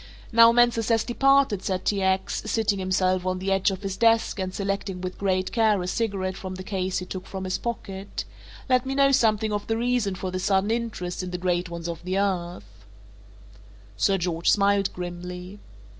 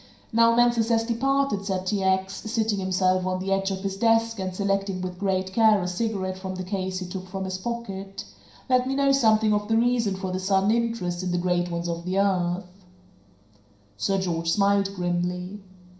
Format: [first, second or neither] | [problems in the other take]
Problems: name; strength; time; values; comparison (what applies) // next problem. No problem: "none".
first | room echo; dies away in 0.5 s